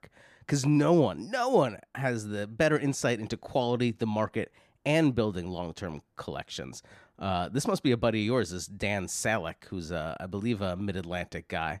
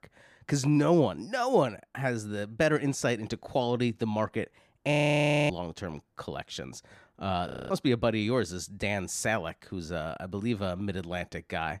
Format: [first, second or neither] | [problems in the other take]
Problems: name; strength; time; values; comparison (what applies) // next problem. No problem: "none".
first | audio freezing; at 5 s for 0.5 s and at 7.5 s